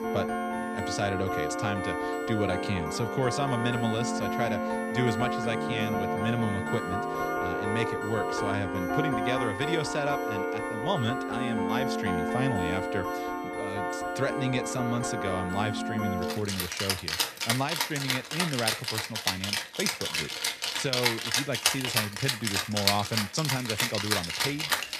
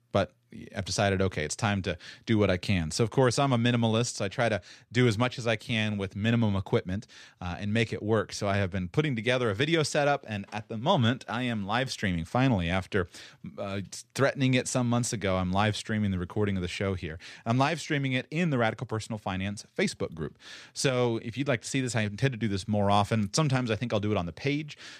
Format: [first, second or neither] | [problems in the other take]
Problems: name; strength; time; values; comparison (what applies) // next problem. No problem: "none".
second | background music; very loud; throughout; 2 dB above the speech